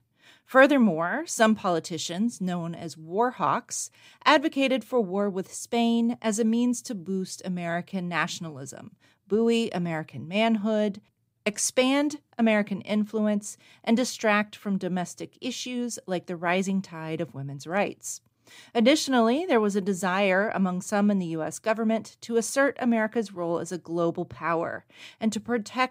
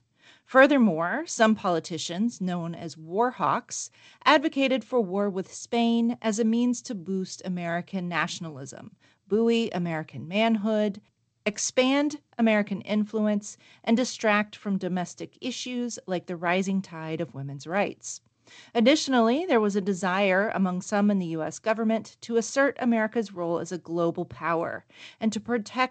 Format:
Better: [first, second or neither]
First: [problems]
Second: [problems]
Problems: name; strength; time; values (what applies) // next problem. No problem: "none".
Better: first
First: none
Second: garbled, watery; slightly; nothing above 7.5 kHz